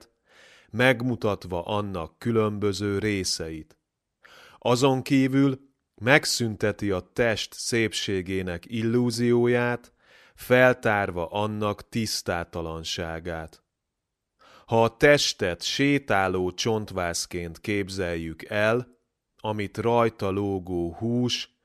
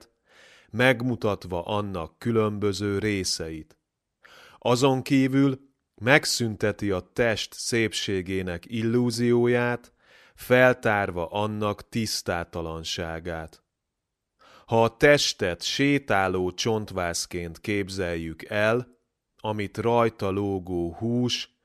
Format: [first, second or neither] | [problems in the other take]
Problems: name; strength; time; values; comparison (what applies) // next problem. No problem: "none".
neither | none